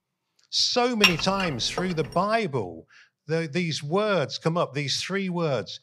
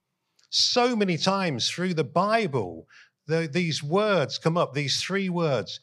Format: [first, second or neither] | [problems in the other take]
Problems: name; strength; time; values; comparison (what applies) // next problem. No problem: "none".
second | clattering dishes; loud; at 1 s; peak 5 dB above the speech